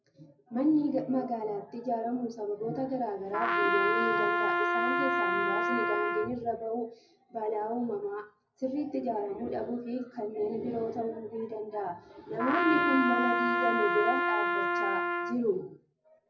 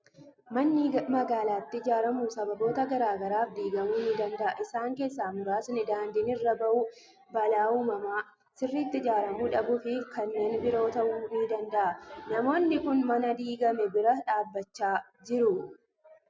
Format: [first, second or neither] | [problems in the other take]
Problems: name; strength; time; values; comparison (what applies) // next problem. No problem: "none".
second | background sound (Trumpet); 3 dB above the speech // room echo; dies away in 0.4 s